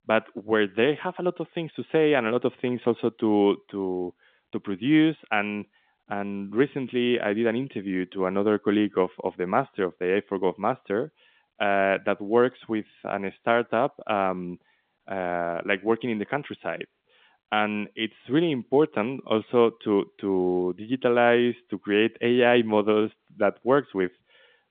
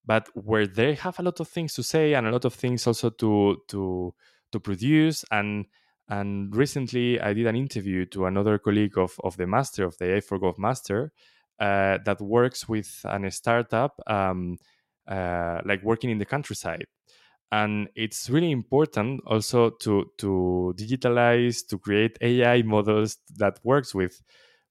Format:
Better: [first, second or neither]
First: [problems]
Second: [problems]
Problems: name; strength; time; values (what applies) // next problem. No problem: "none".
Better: second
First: phone-call audio; nothing above 3.5 kHz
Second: none